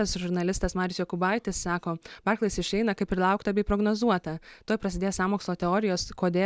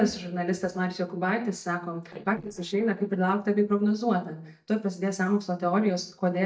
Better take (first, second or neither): first